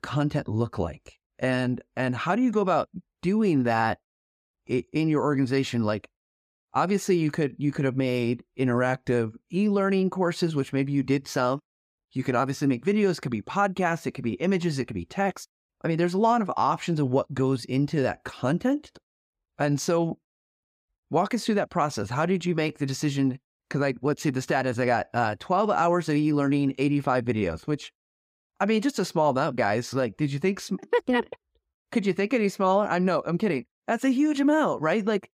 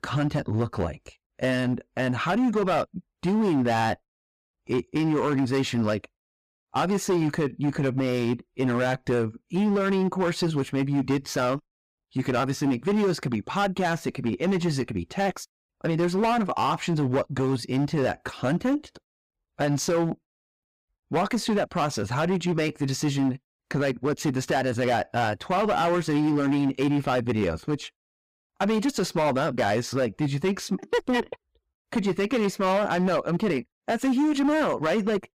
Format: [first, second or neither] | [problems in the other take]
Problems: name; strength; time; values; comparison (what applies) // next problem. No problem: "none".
first | distortion; slight; 12% of the sound clipped